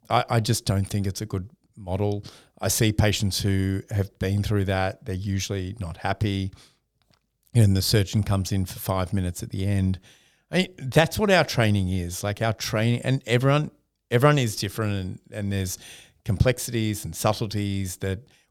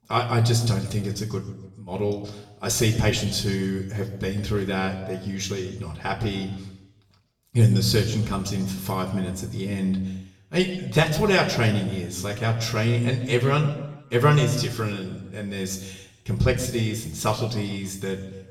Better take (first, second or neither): first